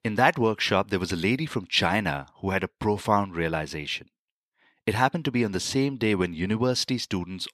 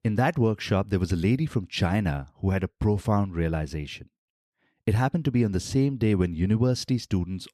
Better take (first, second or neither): second